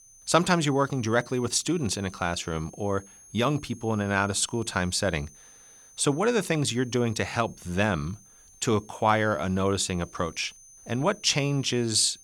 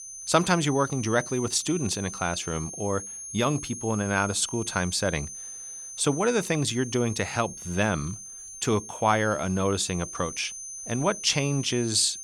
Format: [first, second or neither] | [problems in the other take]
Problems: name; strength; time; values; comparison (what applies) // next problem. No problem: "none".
first | high-pitched whine; loud; throughout; 6 kHz, 10 dB below the speech; faint in the first